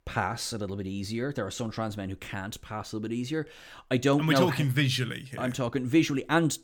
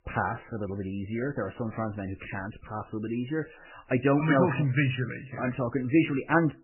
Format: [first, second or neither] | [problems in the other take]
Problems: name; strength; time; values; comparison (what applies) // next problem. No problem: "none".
first | garbled, watery; badly; nothing above 3 kHz